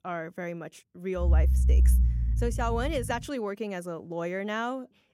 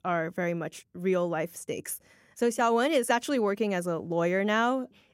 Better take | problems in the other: second | low rumble; noticeable; from 1.5 to 3 s; 10 dB below the speech

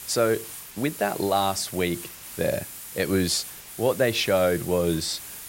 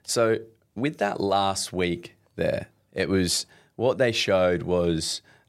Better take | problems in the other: second | hiss; noticeable; throughout; 10 dB below the speech

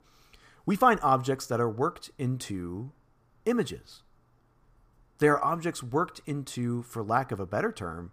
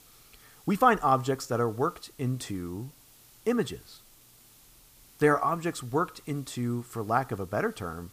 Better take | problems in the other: first | hiss; faint; throughout; 25 dB below the speech

